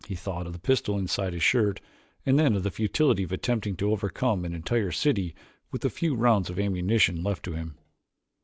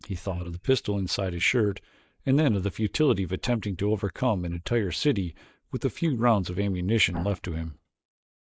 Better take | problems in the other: first | noise reduction (neural mask model Resemble Enhance denoiser)

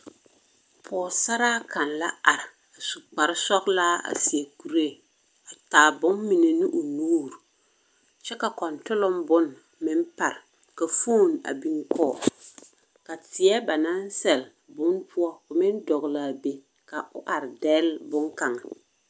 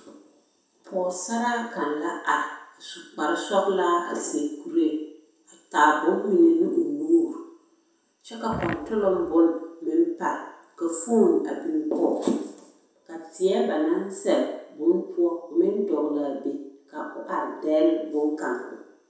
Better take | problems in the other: first | background sound (Fart); 10 dB below the speech // room echo; dies away in 0.7 s

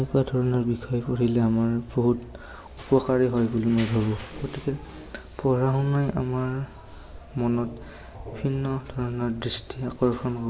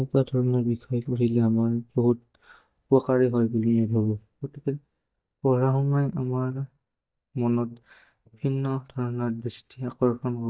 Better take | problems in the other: first | noise reduction (neural mask model DeepFilterNet 3)

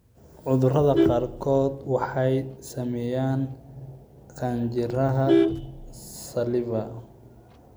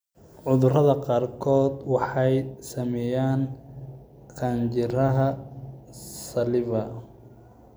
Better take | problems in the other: second | background sound (Vehicle horn, car horn, honking); 4 dB below the speech

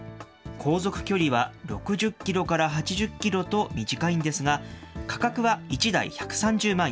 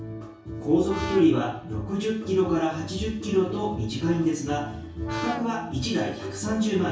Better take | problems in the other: first | background sound (Brass instrument); 12 dB below the speech // room echo; dies away in 0.6 s

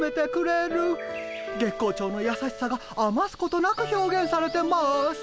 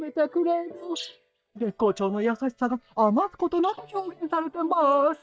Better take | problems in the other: first | noise reduction (neural mask model DeepFilterNet 3)

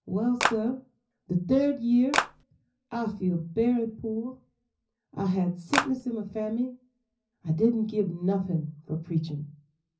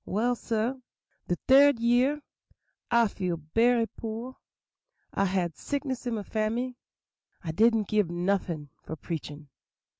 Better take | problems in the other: second | background sound (Clapping); 2 dB above the speech // room echo; dies away in 0.5 s

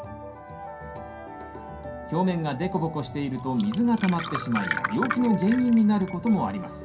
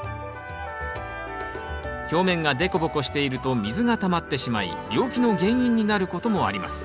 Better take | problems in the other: second | background sound (Glass); 9 dB below the speech // room echo; dies away in 0.3 s

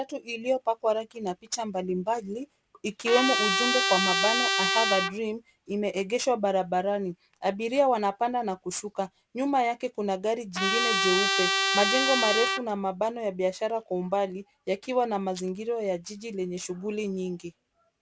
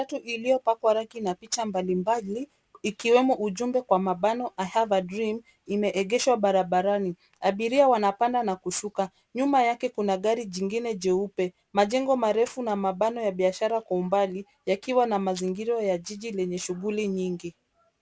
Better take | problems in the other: second | background sound (Trumpet); 3 dB above the speech

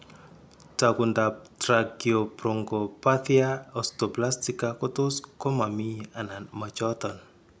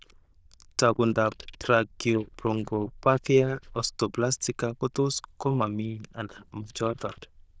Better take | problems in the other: first | noise reduction (neural diffusion model UNIVERSE++)

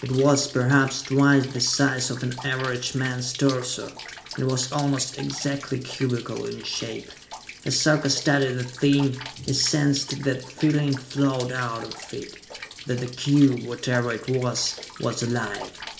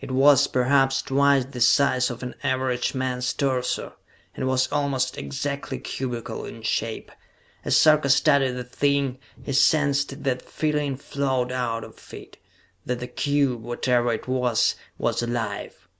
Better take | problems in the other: second | background sound (Rain); 16 dB below the speech // room echo; dies away in 0.4 s

